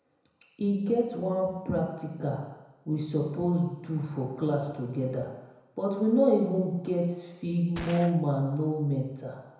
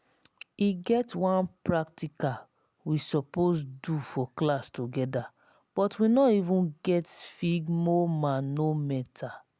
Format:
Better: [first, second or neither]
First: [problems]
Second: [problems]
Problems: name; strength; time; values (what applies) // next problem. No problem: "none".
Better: second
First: background sound (Gunshot, gunfire); 14 dB below the speech // room echo; dies away in 0.9 s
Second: none